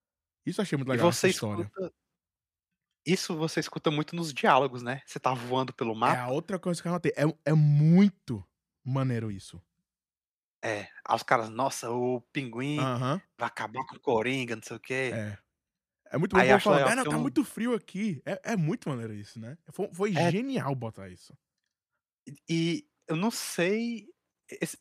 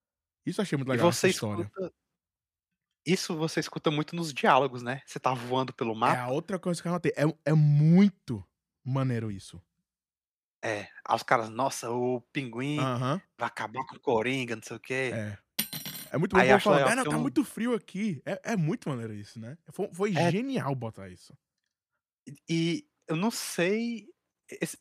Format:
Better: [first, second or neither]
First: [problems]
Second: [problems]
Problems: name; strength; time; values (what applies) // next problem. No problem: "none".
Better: first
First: none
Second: clattering dishes; noticeable; at 16 s; peak 4 dB below the speech